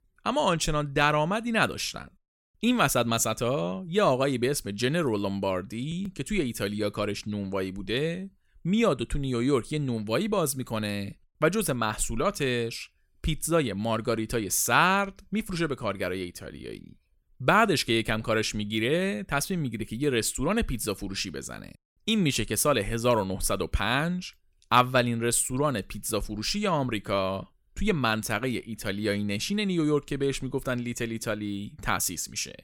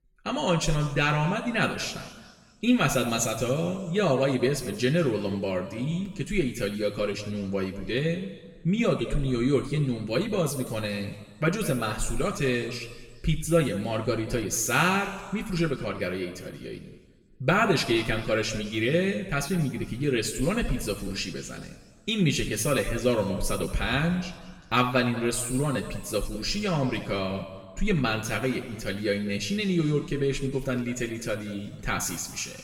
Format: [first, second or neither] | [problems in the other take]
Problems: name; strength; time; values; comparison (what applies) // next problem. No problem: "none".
first | room echo; noticeable; dies away in 1.4 s // off-mic speech; somewhat distant